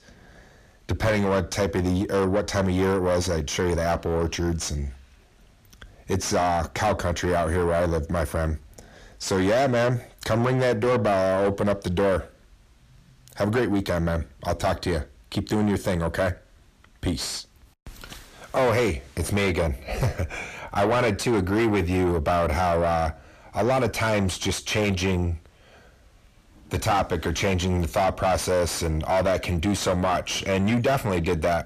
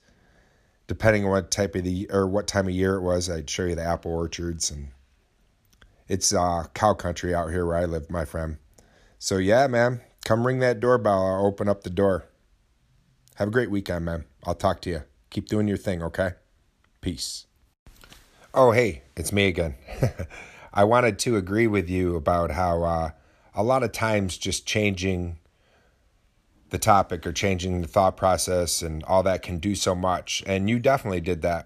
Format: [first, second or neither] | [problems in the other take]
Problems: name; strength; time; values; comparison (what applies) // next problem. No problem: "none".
second | distortion; heavy; 5 dB below the speech